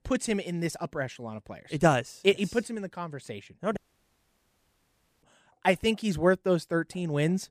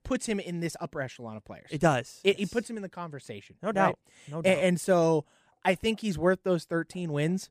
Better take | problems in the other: second | audio cutting out; at 4 s for 1.5 s

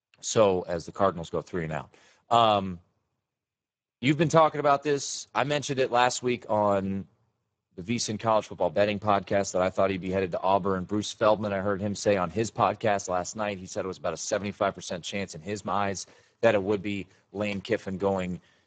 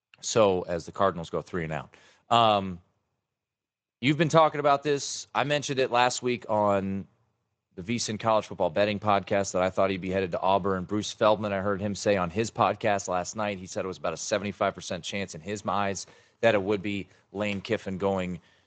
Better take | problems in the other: second | garbled, watery; badly; nothing above 7.5 kHz; slightly in the second

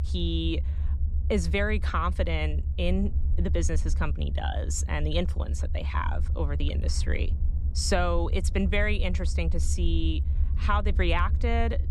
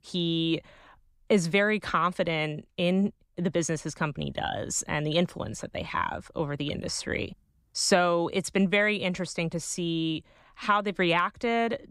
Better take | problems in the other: second | low rumble; noticeable; throughout; 15 dB below the speech

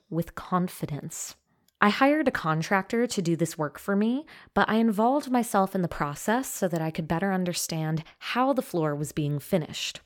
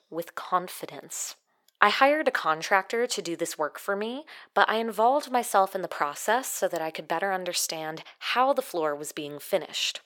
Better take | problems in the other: first | thin; very; fading below 550 Hz

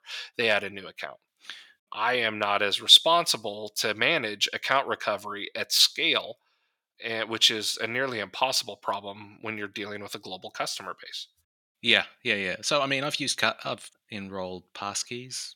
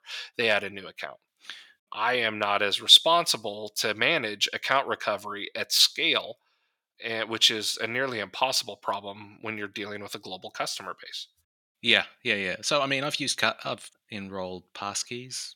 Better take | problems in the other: neither | thin; somewhat; fading below 1 kHz; the same in both

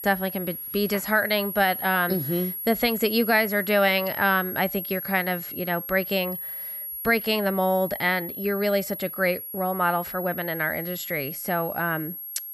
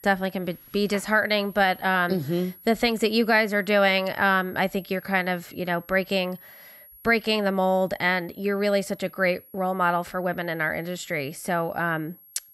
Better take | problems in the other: second | high-pitched whine; loud; throughout; 11.5 kHz, 7 dB below the speech; faint in the second

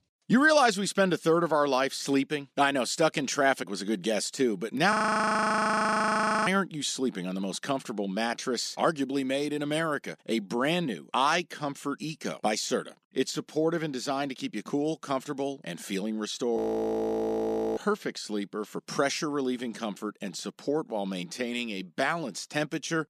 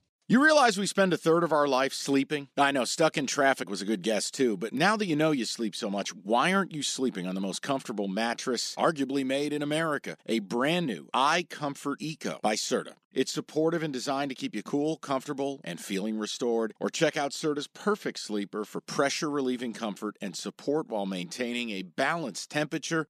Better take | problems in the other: second | audio freezing; at 5 s for 1.5 s and at 17 s for 1 s

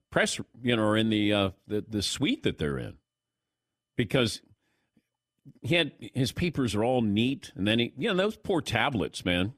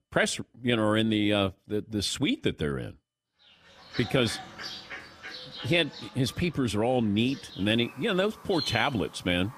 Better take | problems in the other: first | animal sounds; noticeable; from 3.5 s on; 15 dB below the speech

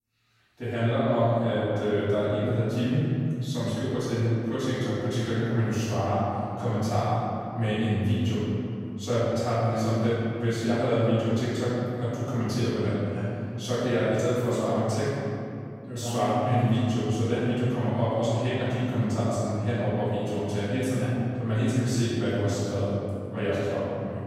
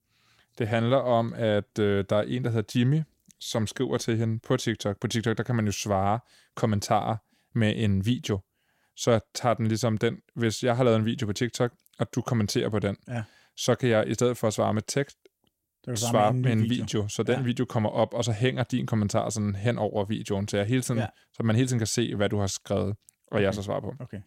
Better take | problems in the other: second | off-mic speech; far // room echo; strong; dies away in 2.7 s

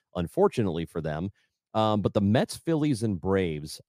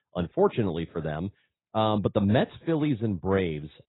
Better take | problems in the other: first | garbled, watery; badly; nothing above 4 kHz

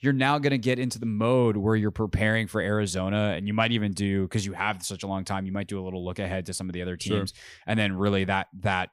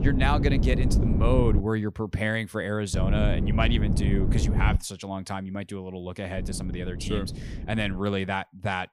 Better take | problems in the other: first | wind noise on the microphone; heavy; until 1.5 s, from 3 to 5 s and from 6.5 to 8 s; 7 dB below the speech

